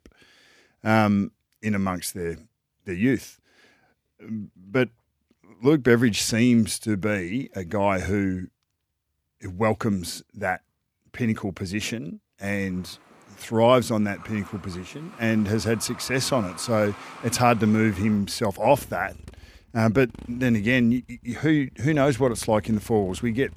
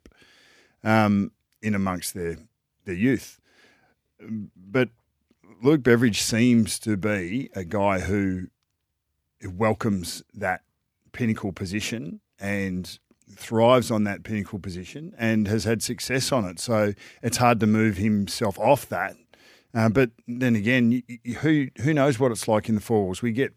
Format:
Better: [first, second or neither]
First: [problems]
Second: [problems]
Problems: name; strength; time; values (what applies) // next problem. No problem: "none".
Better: second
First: traffic noise; faint; from 13 s on; 20 dB below the speech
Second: none